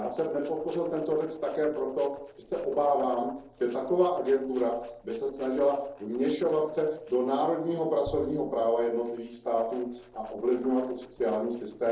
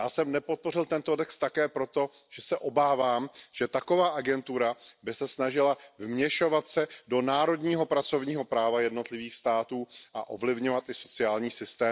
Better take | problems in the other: second | noise reduction (neural separator model SepFormer DNS4)

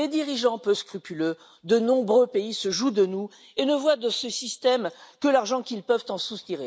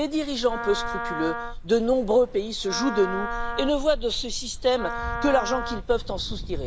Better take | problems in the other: first | background sound (Ocean + Wind instrument, woodwind instrument); 6 dB below the speech

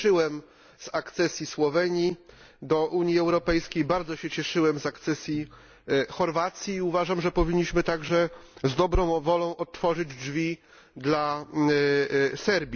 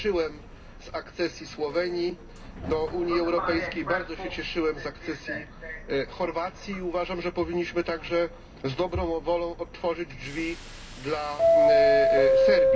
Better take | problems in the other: first | background sound (Subway, metro, underground); 2 dB above the speech // room echo; dies away in 0.2 s

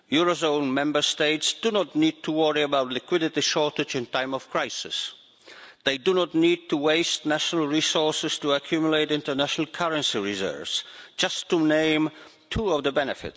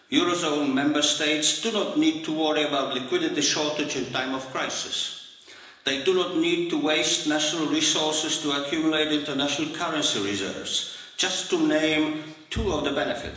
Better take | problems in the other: first | room echo; dies away in 1 s

